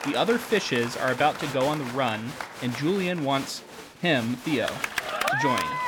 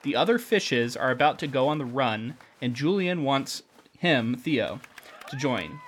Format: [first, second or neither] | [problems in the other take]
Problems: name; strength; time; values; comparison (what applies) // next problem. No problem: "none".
second | crowd noise; loud; throughout; 5 dB below the speech; faint in the second